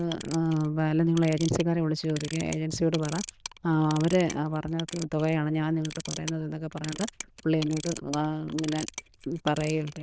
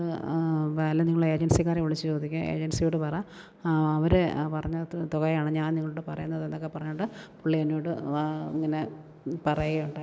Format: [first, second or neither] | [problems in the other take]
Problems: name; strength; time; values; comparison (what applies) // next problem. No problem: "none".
second | noise reduction (neural diffusion model UNIVERSE++)